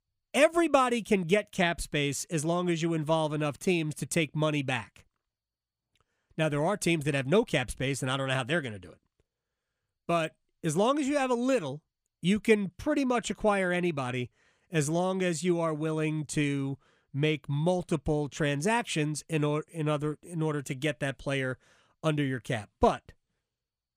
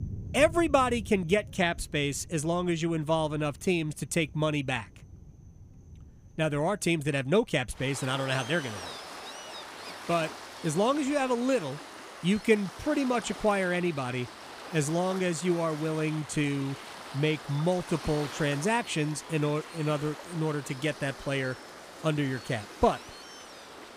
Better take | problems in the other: first | rain or running water; noticeable; throughout; 15 dB below the speech

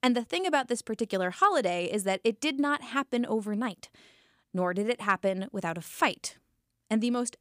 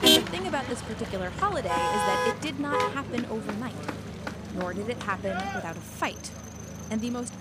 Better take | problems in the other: first | traffic noise; very loud; throughout; 2 dB above the speech

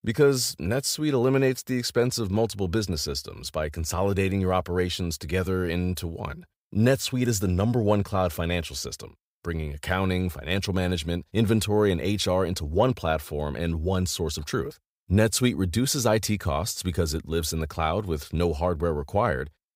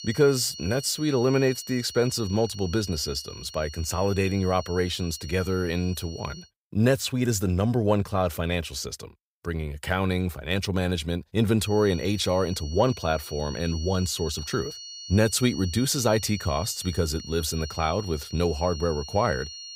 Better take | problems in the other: first | high-pitched whine; noticeable; until 6.5 s and from 12 s on; 4.5 kHz, 15 dB below the speech

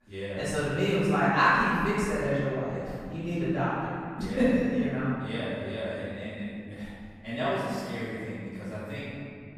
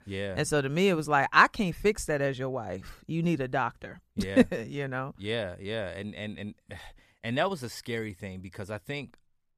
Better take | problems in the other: second | off-mic speech; far // room echo; strong; dies away in 2.3 s

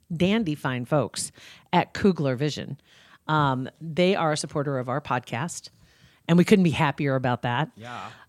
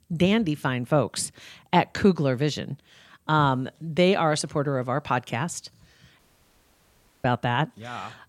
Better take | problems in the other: first | audio cutting out; at 6 s for 1 s

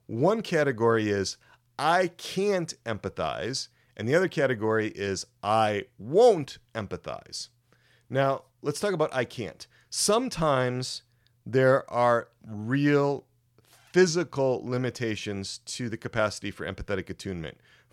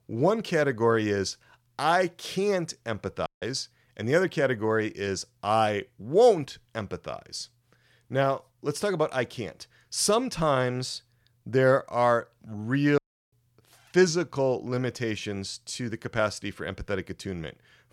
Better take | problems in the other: first | audio cutting out; at 3.5 s and at 13 s

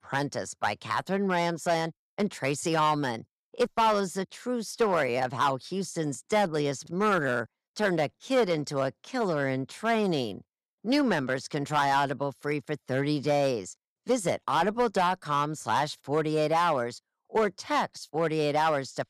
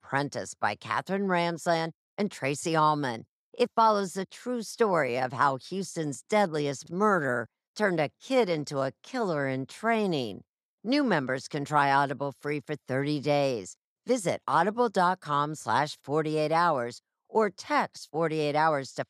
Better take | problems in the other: second | distortion; slight; 4% of the sound clipped

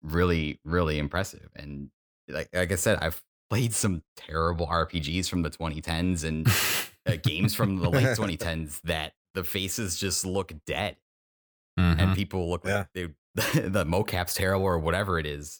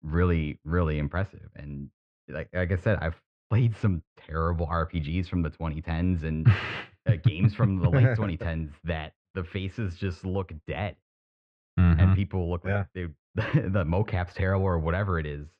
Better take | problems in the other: first | muffled; very; fading above 2.5 kHz

